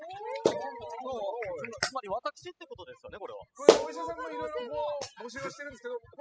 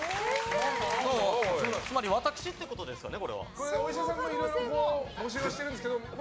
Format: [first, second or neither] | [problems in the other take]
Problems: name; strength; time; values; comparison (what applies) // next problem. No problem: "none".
second | noise reduction (classical method spectral subtraction)